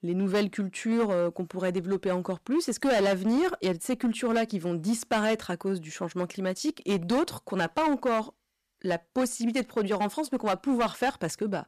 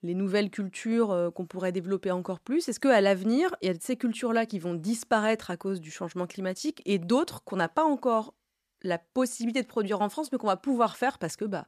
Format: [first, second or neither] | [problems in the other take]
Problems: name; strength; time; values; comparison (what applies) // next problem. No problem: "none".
second | distortion; slight; 9% of the sound clipped